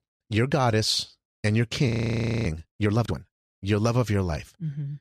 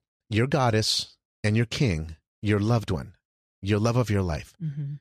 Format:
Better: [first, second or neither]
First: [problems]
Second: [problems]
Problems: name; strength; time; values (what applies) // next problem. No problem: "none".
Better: second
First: audio freezing; at 2 s for 0.5 s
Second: none